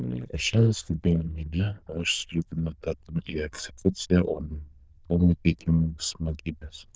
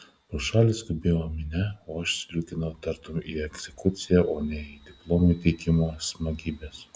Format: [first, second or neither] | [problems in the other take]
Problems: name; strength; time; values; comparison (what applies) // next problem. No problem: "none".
second | noise reduction (neural diffusion model UNIVERSE++)